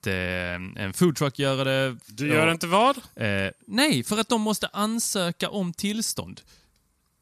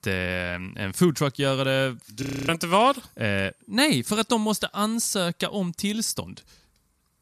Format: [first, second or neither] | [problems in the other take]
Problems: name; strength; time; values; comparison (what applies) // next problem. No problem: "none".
first | audio freezing; at 2 s